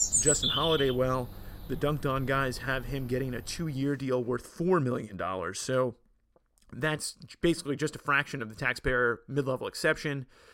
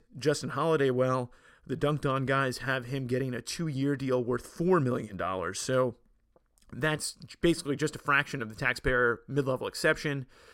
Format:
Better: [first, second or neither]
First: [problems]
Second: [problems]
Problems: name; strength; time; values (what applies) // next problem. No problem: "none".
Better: second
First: animal sounds; very loud; until 3.5 s; 3 dB above the speech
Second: none